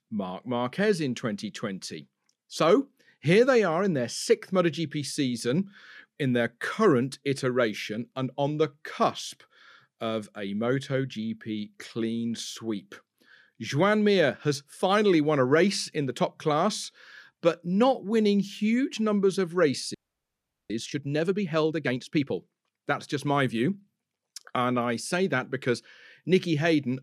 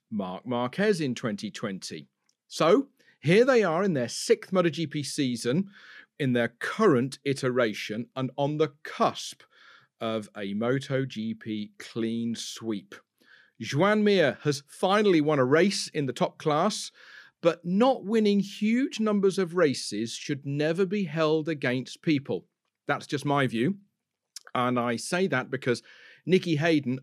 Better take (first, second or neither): second